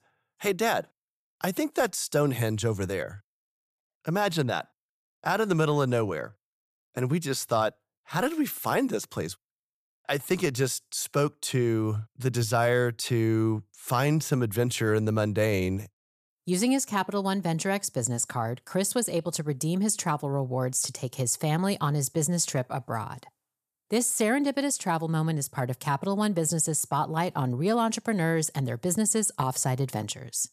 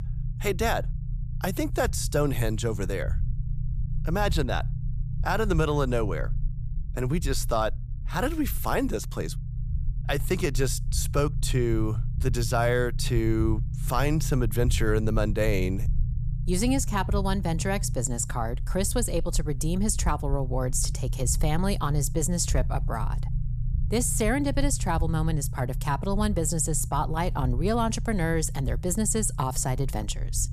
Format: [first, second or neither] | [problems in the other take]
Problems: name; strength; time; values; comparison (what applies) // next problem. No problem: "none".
first | low rumble; noticeable; throughout; 15 dB below the speech